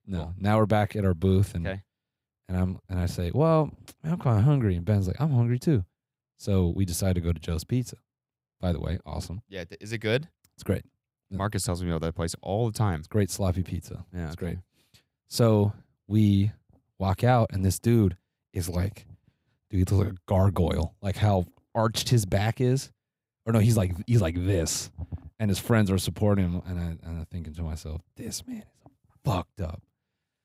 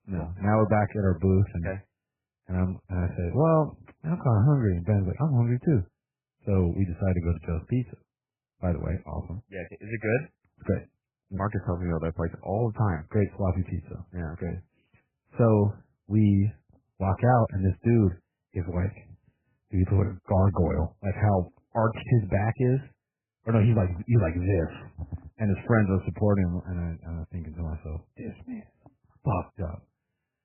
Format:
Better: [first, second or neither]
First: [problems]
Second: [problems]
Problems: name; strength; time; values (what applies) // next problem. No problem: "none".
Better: first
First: none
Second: garbled, watery; badly; nothing above 2.5 kHz